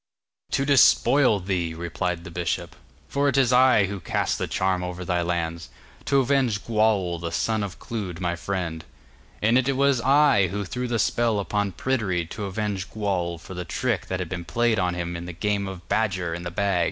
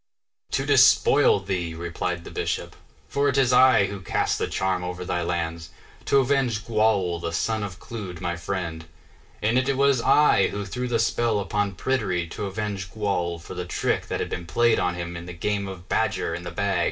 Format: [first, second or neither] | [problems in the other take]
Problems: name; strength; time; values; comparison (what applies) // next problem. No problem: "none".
first | room echo; dies away in 0.2 s